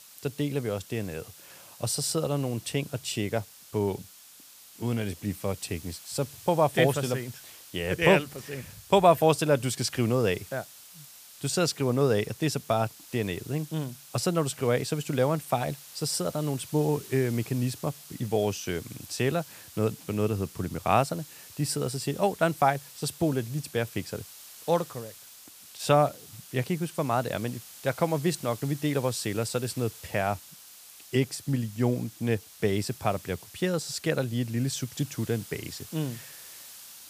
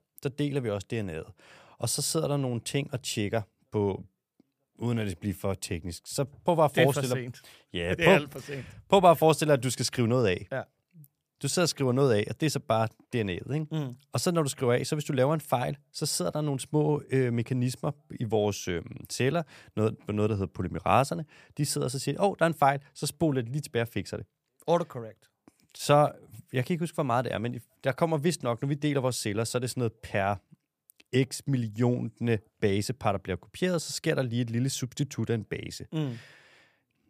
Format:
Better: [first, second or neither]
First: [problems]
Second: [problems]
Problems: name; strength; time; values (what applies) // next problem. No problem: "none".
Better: second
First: hiss; noticeable; throughout; 15 dB below the speech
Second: none